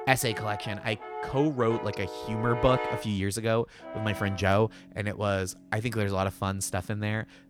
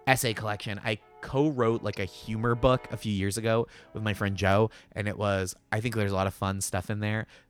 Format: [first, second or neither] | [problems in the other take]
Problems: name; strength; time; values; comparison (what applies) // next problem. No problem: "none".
second | background music; loud; throughout; 8 dB below the speech; faint in the second